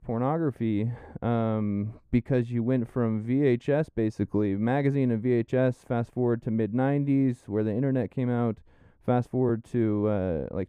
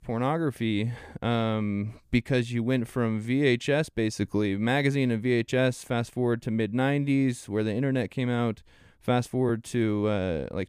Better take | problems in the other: second | muffled; very; fading above 2 kHz

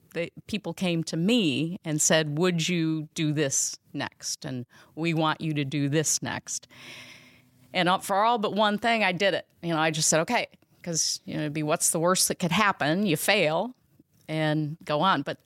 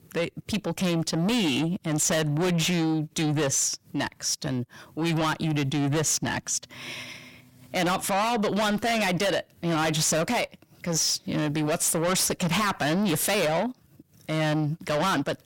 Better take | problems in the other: first | distortion; heavy; 5 dB below the speech

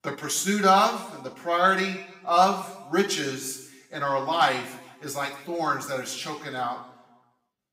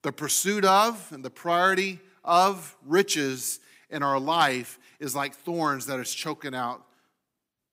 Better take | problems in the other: second | room echo; slight; dies away in 0.9 s // off-mic speech; somewhat distant

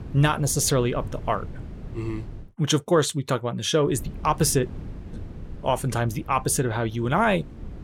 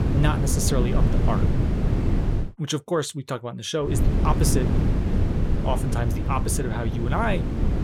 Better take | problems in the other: first | wind noise on the microphone; heavy; until 2.5 s and from 4 s on; 4 dB below the speech; occasional gusts in the first

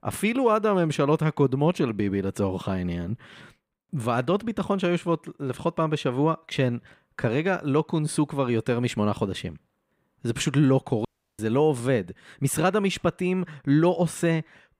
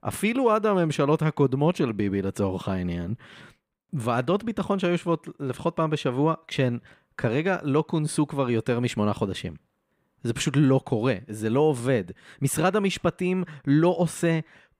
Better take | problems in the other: second | audio cutting out; at 11 s

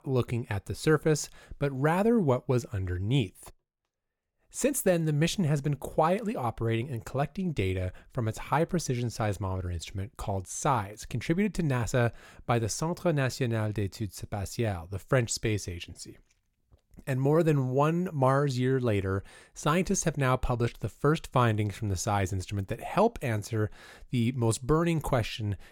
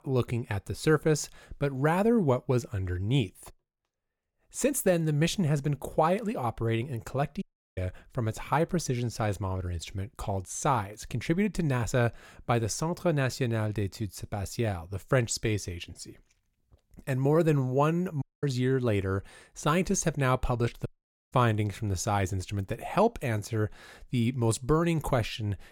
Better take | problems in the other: first | audio cutting out; at 7.5 s, at 18 s and at 21 s

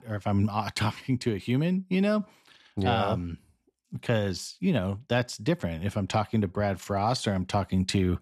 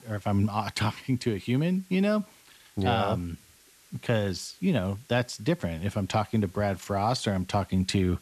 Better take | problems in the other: first | hiss; faint; throughout; 25 dB below the speech

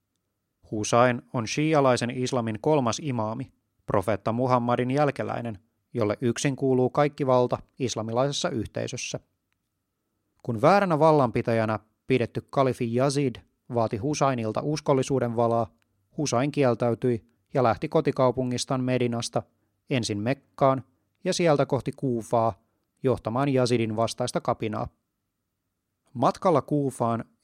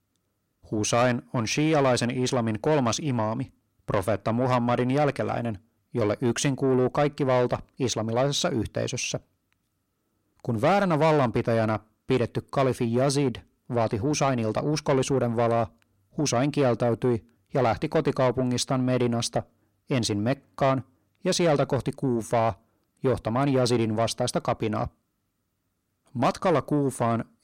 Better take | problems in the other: first | distortion; slight; 10 dB below the speech

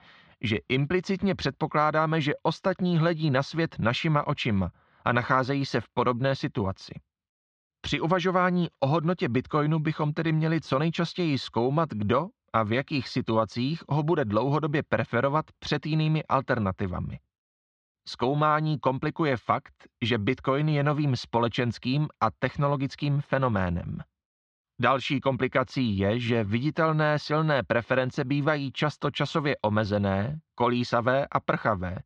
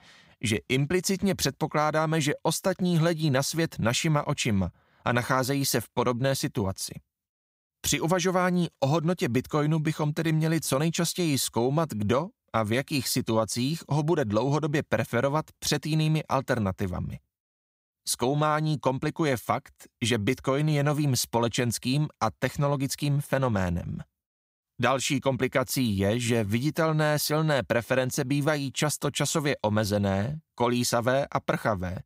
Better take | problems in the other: second | muffled; slightly; fading above 4 kHz

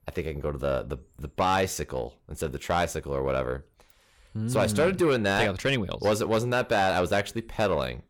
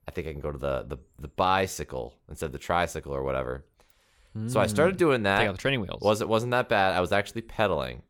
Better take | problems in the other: second | distortion; slight; 10 dB below the speech

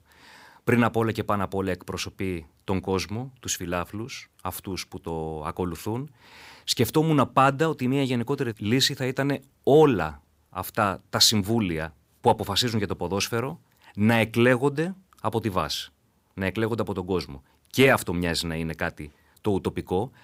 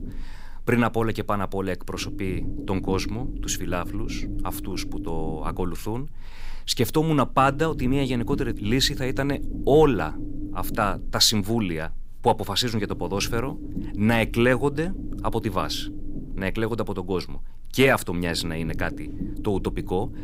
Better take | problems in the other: first | low rumble; noticeable; throughout; 15 dB below the speech

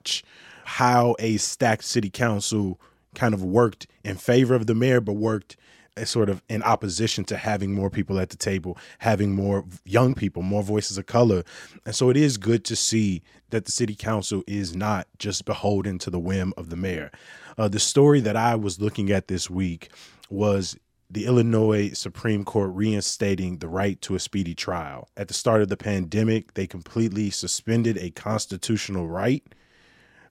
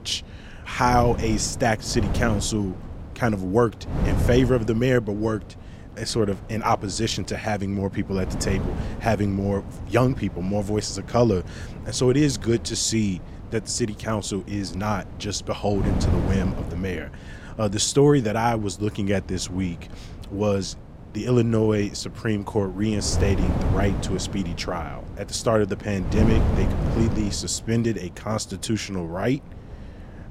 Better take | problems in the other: first | wind noise on the microphone; occasional gusts; 10 dB below the speech

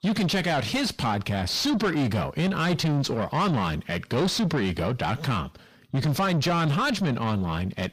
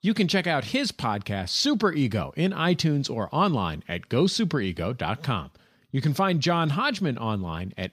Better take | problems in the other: second | distortion; heavy; 7 dB below the speech

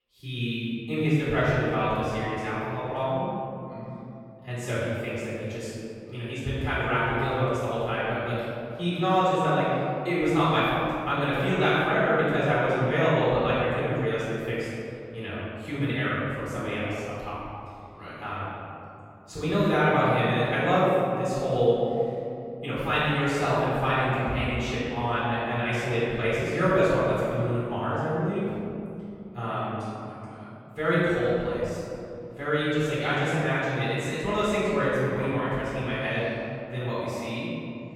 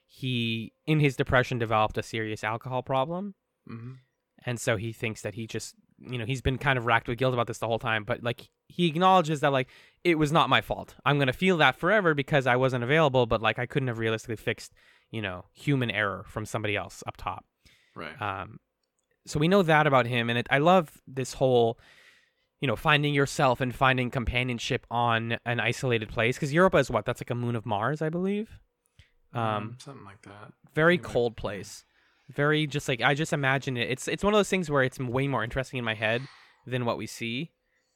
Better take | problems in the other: second | off-mic speech; far // room echo; strong; dies away in 2.6 s

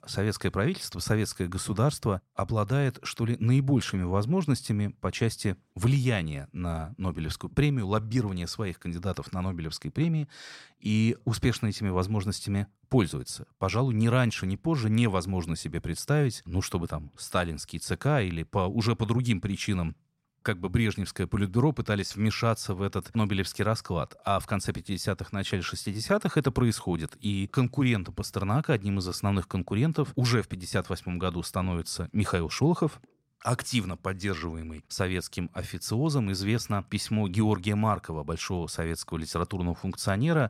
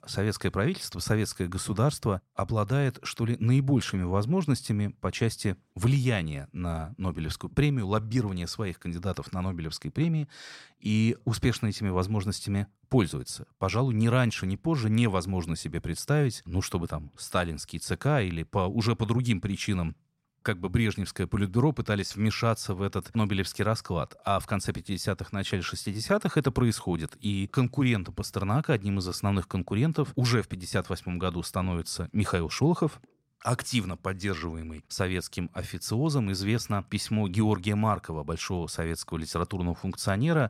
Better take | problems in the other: neither | none

